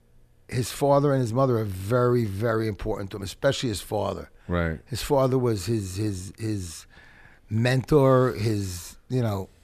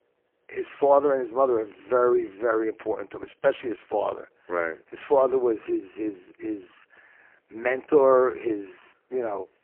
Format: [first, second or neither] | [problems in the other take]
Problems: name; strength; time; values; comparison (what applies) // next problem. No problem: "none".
first | phone-call audio; poor line